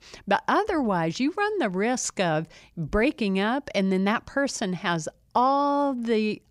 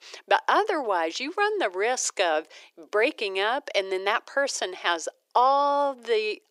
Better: first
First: none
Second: thin; very; fading below 350 Hz

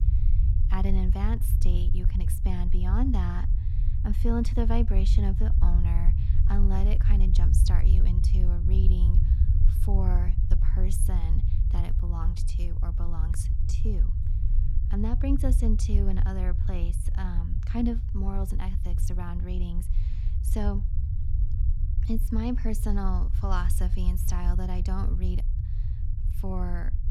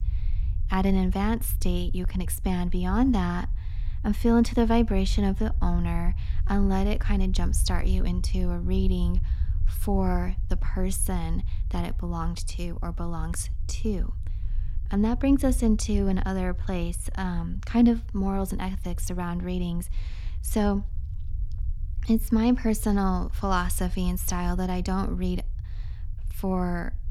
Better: second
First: low rumble; loud; throughout; 7 dB below the speech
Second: low rumble; faint; throughout; 20 dB below the speech

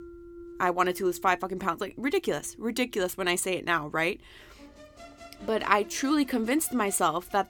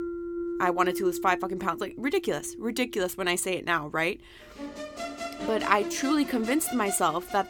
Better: first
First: background music; faint; throughout; 20 dB below the speech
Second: background music; loud; throughout; 9 dB below the speech

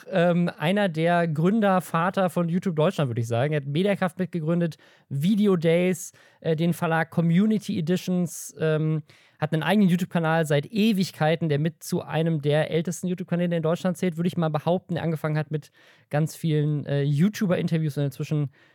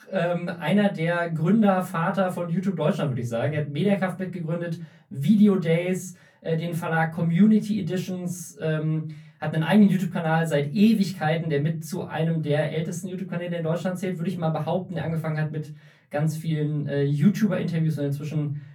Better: first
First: none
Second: off-mic speech; far // room echo; very slight; dies away in 0.3 s

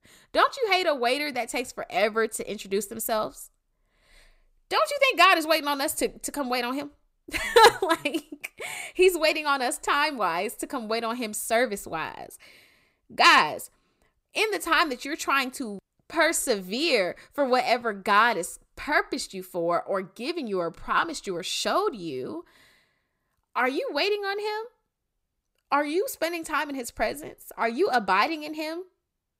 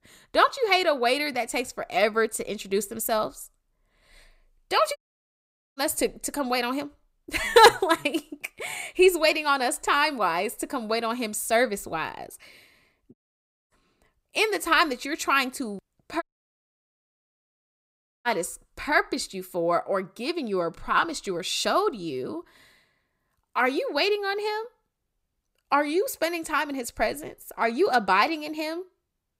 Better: first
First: none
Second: audio cutting out; at 5 s for 1 s, at 13 s for 0.5 s and at 16 s for 2 s

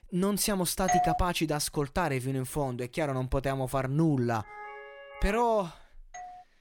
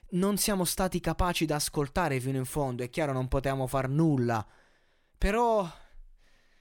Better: second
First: doorbell; loud; at 1 s; peak 2 dB above the speech // siren; faint; at 4.5 s; peak 15 dB below the speech // doorbell; faint; at 6 s; peak 15 dB below the speech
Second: none

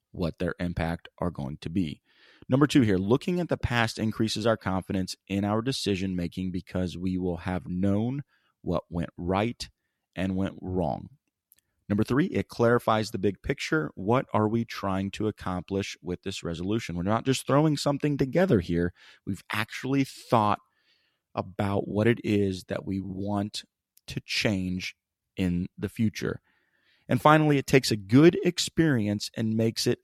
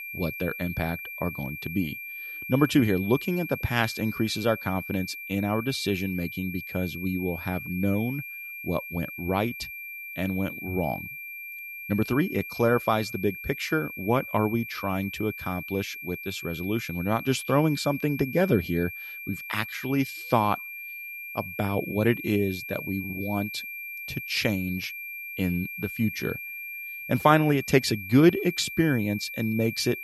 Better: first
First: none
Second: high-pitched whine; loud; throughout; 2.5 kHz, 8 dB below the speech

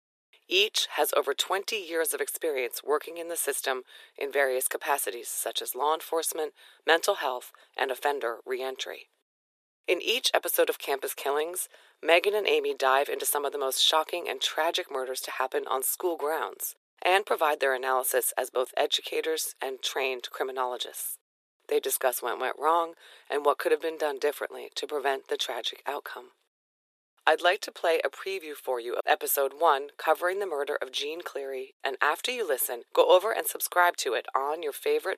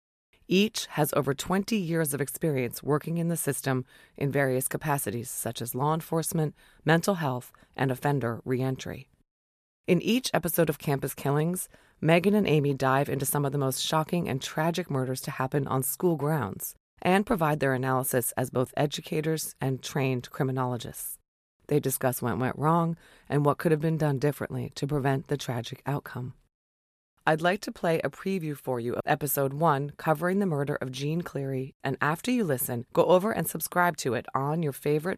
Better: second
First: thin; very; fading below 400 Hz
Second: none

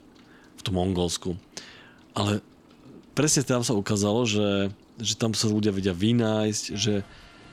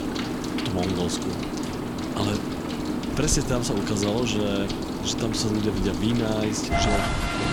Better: first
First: rain or running water; faint; throughout; 30 dB below the speech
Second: rain or running water; loud; throughout; 1 dB below the speech

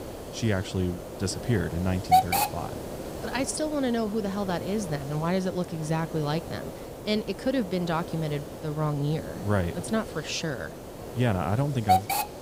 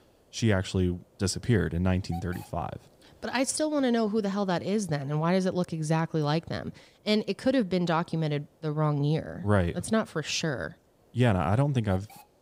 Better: second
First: hiss; loud; throughout; 4 dB below the speech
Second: hiss; faint; throughout; 30 dB below the speech

